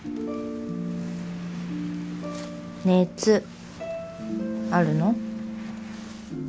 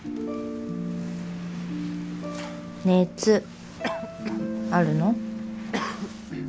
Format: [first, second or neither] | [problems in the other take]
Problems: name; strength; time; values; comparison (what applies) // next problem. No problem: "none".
first | background sound (Cough); 13 dB below the speech